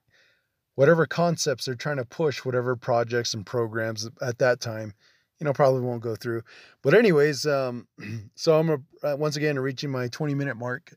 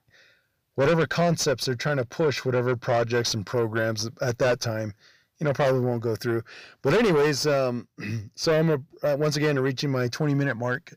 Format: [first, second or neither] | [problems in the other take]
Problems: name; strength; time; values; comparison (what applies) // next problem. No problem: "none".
first | distortion; heavy; 7 dB below the speech